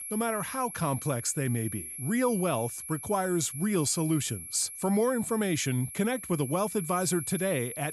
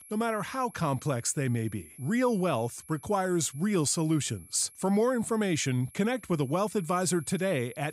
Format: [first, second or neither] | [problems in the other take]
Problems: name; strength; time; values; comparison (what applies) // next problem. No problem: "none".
second | high-pitched whine; loud; throughout; 11 kHz, 9 dB below the speech; faint in the second